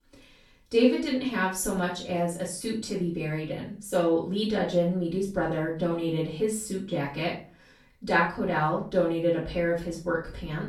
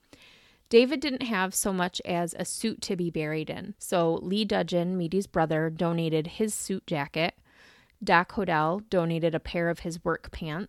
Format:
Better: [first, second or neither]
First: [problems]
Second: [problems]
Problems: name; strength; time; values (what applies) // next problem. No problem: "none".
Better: second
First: room echo; noticeable; dies away in 0.3 s // off-mic speech; far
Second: none